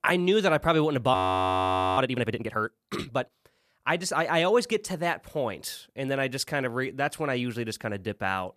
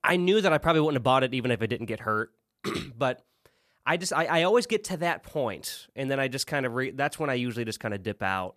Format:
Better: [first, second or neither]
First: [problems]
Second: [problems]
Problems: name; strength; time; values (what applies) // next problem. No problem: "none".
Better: second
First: audio freezing; at 1 s for 1 s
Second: none